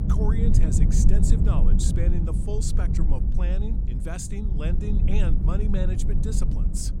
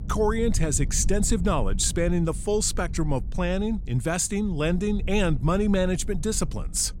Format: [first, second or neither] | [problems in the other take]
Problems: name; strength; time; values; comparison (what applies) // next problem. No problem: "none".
second | low rumble; loud; throughout; 1 dB below the speech; faint in the second